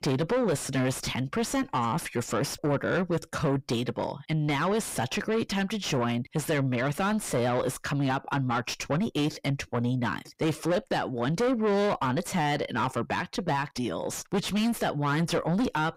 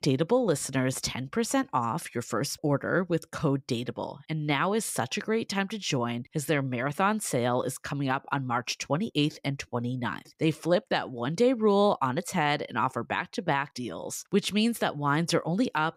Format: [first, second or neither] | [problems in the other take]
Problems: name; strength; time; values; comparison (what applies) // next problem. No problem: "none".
second | distortion; heavy; 6 dB below the speech